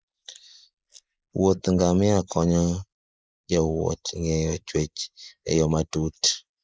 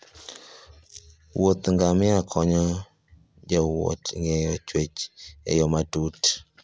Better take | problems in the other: second | noise reduction (neural mask model Resemble Enhance denoiser)

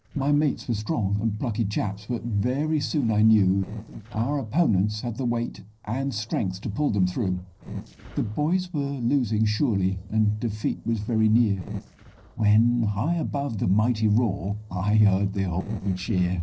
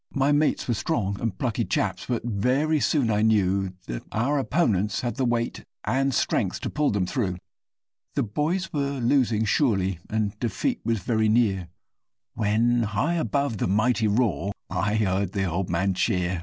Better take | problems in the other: second | noise reduction (neural separator model SepFormer DNS4)

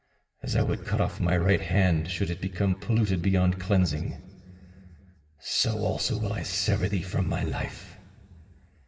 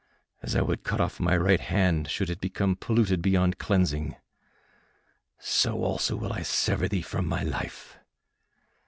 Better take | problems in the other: second | room echo; dies away in 2.9 s

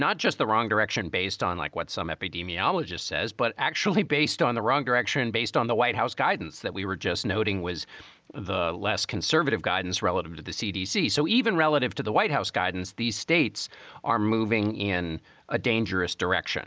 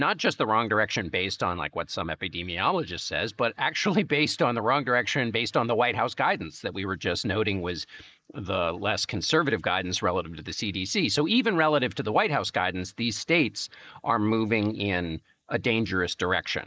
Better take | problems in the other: first | noise reduction (neural mask model Resemble Enhance denoiser)

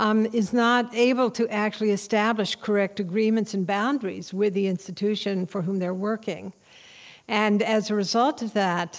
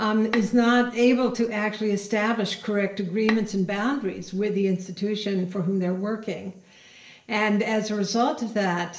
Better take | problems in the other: first | background sound (Bowed string instrument); 13 dB below the speech // room echo; dies away in 0.5 s

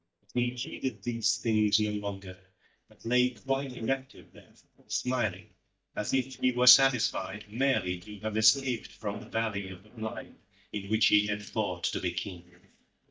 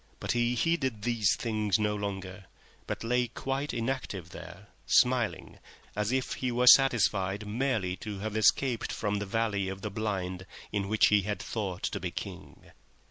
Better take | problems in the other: second | noise reduction (neural mask model DeepFilterNet 3)

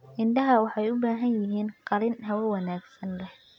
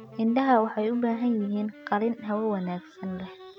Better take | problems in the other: first | background sound (Wind instrument, woodwind instrument); 20 dB below the speech

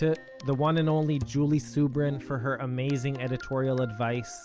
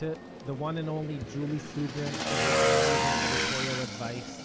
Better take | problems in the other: first | background sound (Motorcycle / Engine); 5 dB above the speech

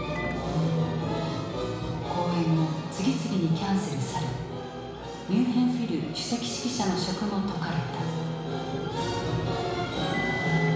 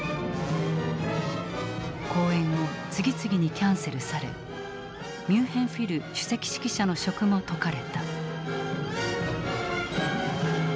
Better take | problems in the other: second | background sound (Microwave oven); 15 dB below the speech // room echo; dies away in 1 s

